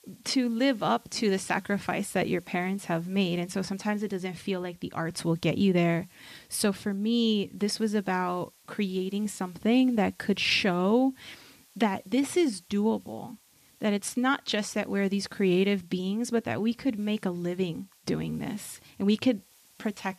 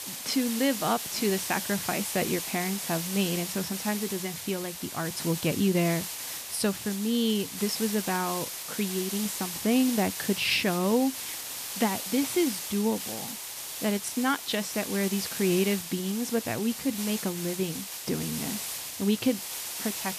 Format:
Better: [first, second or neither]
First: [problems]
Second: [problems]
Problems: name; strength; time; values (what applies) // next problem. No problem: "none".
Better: first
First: hiss; faint; throughout; 30 dB below the speech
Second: hiss; loud; throughout; 5 dB below the speech